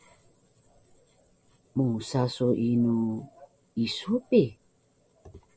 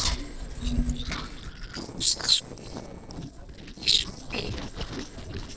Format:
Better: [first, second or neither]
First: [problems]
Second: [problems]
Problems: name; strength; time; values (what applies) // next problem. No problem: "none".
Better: first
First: none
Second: noise reduction (neural separator model SepFormer DNS4)